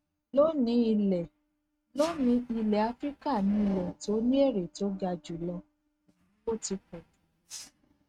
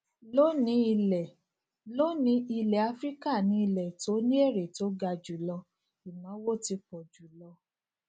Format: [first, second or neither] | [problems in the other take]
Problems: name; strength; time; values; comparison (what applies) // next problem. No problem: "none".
second | noise reduction (neural mask model RNNoise)